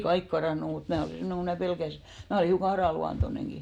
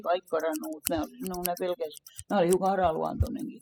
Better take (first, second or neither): first